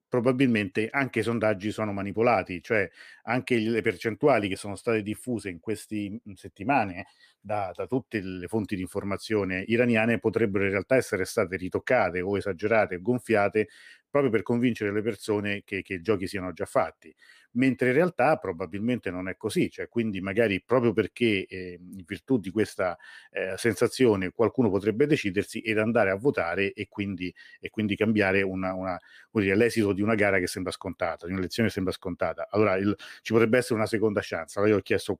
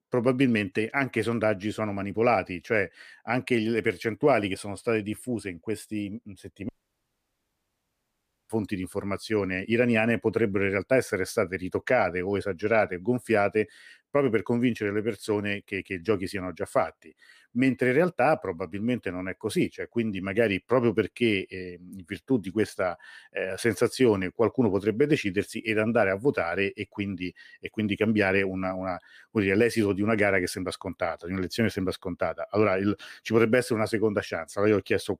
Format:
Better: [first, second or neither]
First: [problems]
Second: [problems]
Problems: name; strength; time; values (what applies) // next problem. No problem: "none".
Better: first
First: none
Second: audio cutting out; at 6.5 s for 2 s